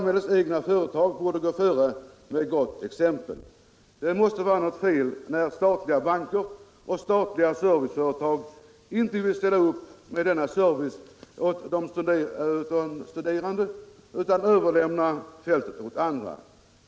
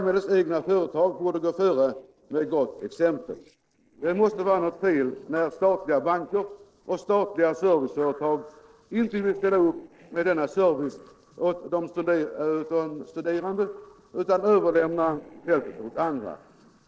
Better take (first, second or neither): first